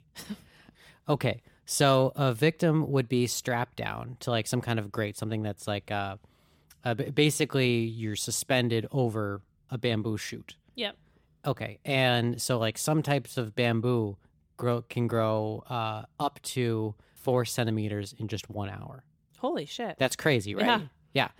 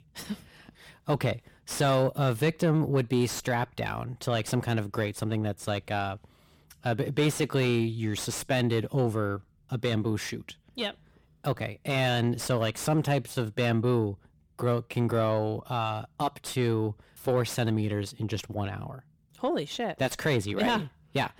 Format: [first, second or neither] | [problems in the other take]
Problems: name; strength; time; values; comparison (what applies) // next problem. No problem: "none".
first | distortion; slight; 10 dB below the speech